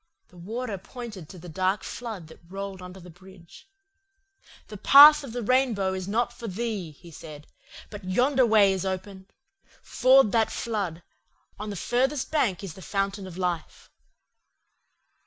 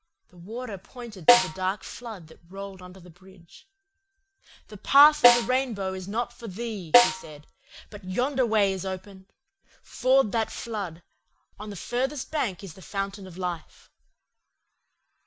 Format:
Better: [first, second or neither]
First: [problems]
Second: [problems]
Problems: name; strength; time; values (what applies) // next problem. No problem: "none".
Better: first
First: none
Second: background sound (Snare drum); 4 dB above the speech